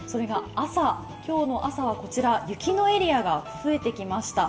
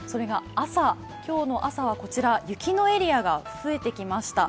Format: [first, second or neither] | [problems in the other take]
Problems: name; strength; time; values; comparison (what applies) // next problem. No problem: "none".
second | background sound (Bowed string instrument); 19 dB below the speech // room echo; dies away in 2.9 s